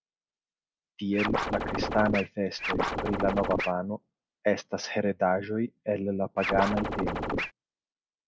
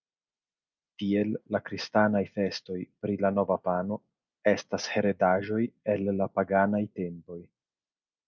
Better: second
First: background sound (Scratching (performance technique)); as loud as the speech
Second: none

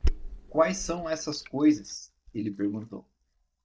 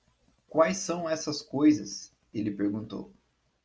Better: second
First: noise reduction (neural mask model DeepFilterNet 3)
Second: none

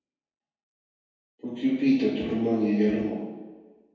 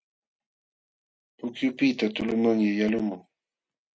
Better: second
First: room echo; dies away in 1.2 s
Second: none

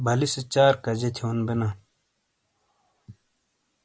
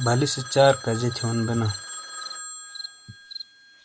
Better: first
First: none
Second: background sound (Cricket + Telephone); 11 dB below the speech

